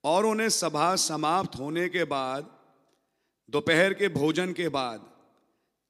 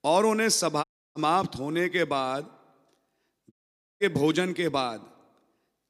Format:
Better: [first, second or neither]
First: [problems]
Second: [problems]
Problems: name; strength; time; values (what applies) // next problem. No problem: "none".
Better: first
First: none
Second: audio cutting out; at 1 s and at 3.5 s